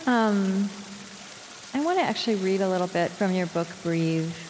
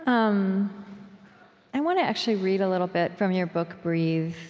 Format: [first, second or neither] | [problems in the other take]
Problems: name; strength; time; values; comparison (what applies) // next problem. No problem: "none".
second | background sound (Stream); 18 dB below the speech